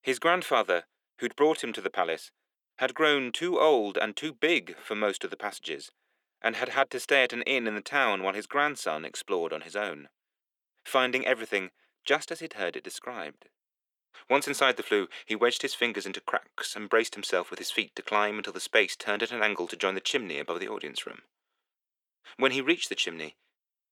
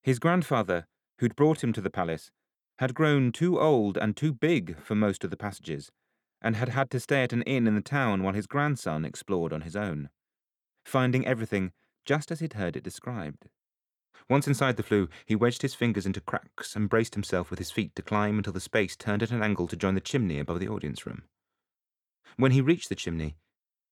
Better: second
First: thin; very; fading below 400 Hz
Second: none

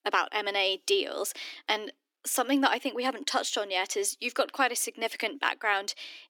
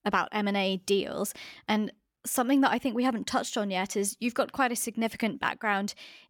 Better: second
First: thin; very slightly; fading below 300 Hz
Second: none

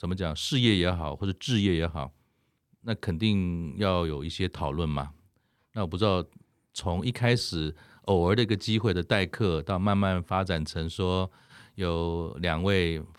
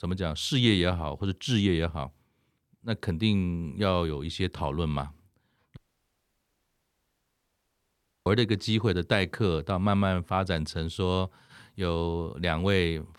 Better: first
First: none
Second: audio cutting out; at 6 s for 2.5 s

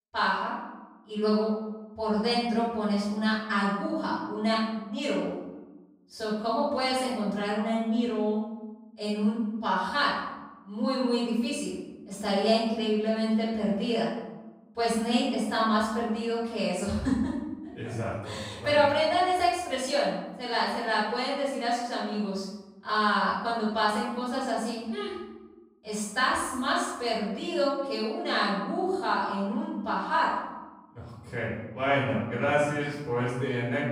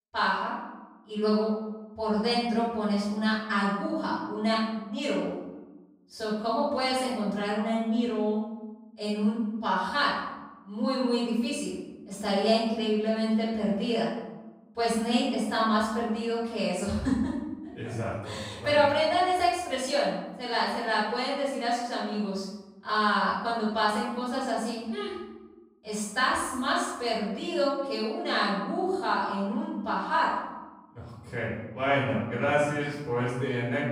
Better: neither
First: room echo; noticeable; dies away in 1 s // off-mic speech; far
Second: room echo; noticeable; dies away in 1 s // off-mic speech; far

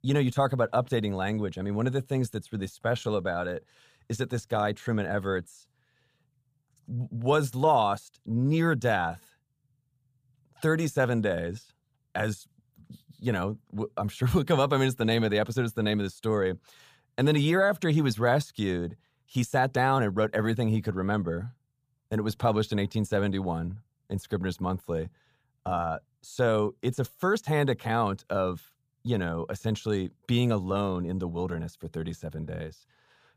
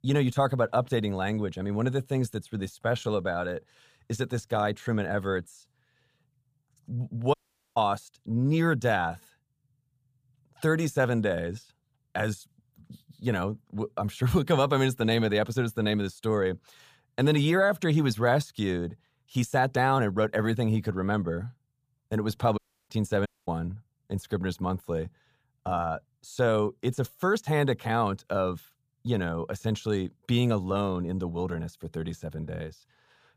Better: first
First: none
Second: audio cutting out; at 7.5 s and at 23 s

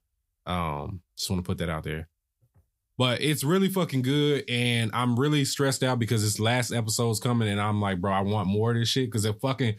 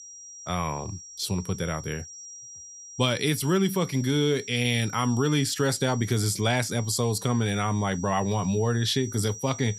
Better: first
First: none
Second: high-pitched whine; noticeable; throughout; 6 kHz, 15 dB below the speech

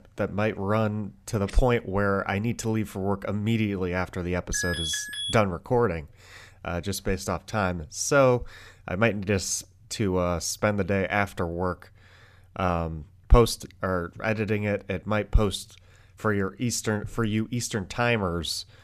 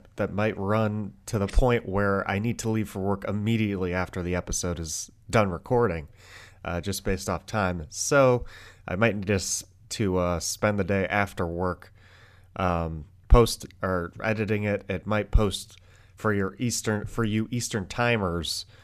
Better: second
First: alarm; noticeable; at 4.5 s; peak 2 dB below the speech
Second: none

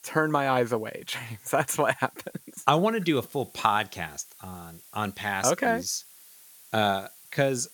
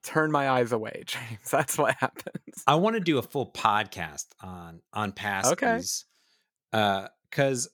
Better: second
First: hiss; faint; throughout; 25 dB below the speech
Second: none

